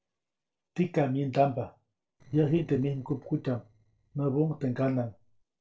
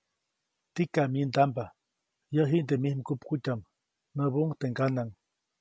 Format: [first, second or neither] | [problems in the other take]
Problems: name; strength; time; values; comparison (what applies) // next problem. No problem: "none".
second | noise reduction (neural separator model SepFormer DNS4)